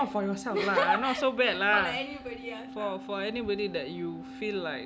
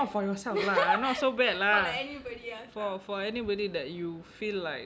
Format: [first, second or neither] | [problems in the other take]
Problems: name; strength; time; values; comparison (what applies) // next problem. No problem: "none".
second | background sound (Organ); 14 dB below the speech